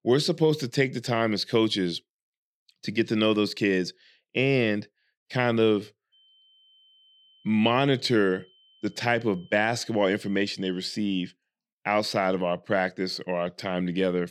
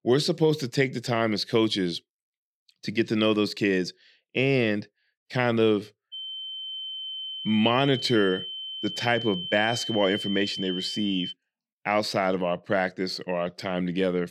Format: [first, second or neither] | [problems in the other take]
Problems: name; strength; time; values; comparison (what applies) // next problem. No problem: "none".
first | high-pitched whine; loud; from 6 to 11 s; 3 kHz, 7 dB below the speech; faint in the first